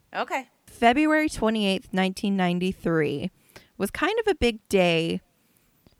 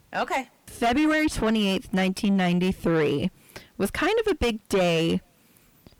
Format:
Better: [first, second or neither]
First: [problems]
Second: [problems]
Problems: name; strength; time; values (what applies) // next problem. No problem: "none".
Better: first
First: none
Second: distortion; heavy; 6 dB below the speech